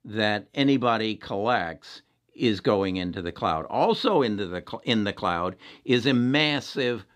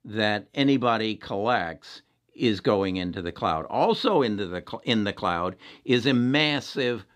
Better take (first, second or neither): neither